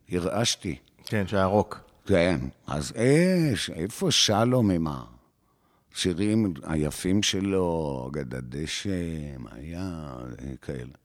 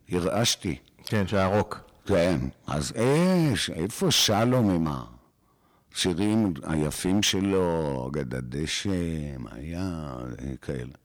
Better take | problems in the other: first | distortion; slight; 6% of the sound clipped

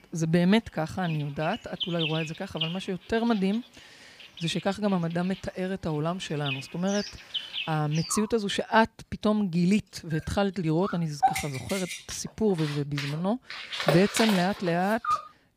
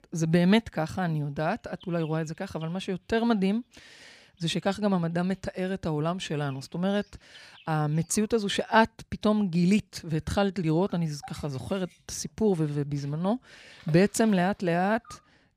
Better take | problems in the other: second | animal sounds; loud; throughout; 5 dB below the speech; faint in the second

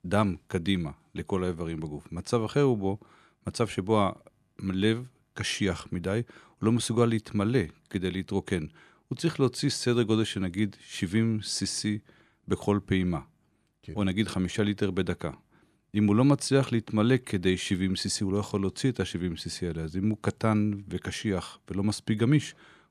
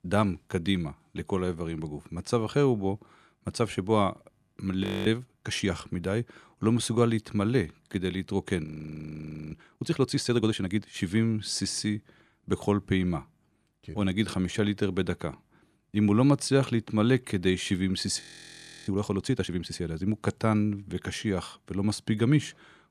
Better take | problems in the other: first | audio freezing; at 5 s, at 8.5 s for 1 s and at 18 s for 0.5 s

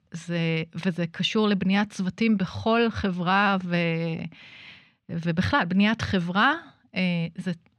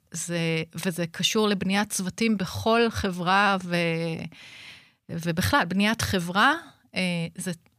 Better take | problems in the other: second | muffled; very slightly; fading above 3 kHz

